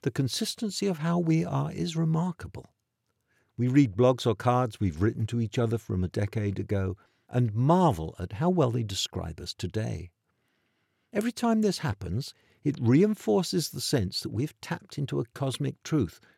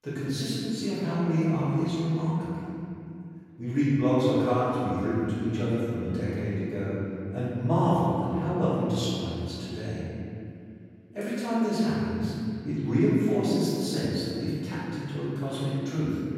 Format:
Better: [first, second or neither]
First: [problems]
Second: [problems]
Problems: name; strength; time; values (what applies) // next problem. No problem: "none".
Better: first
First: none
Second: room echo; strong; dies away in 2.5 s // off-mic speech; far